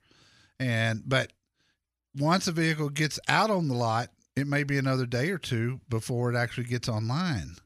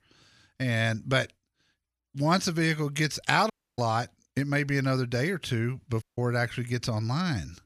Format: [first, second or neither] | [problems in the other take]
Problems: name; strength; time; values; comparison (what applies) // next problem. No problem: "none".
first | audio cutting out; at 3.5 s and at 6 s